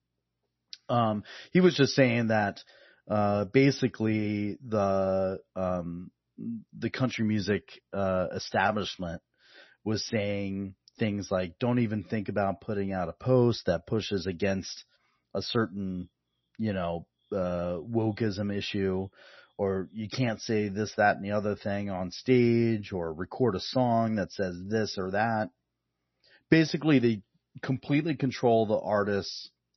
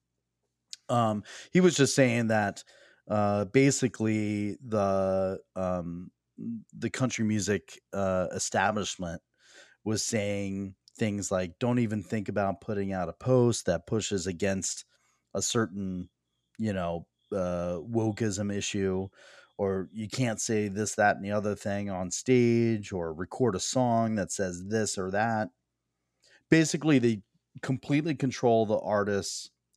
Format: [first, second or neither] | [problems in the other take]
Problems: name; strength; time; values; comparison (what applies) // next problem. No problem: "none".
second | garbled, watery; slightly; nothing above 6 kHz